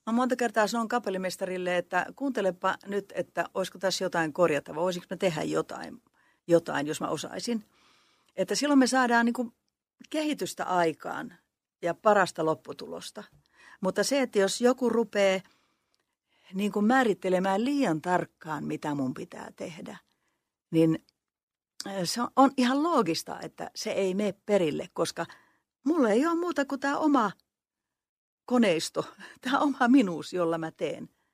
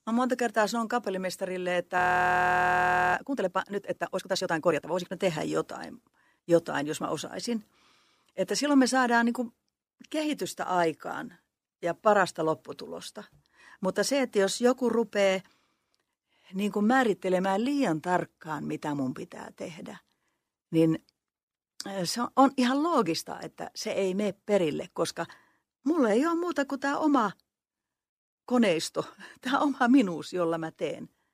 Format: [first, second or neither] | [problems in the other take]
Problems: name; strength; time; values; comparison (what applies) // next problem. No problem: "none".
first | audio freezing; at 2 s for 1 s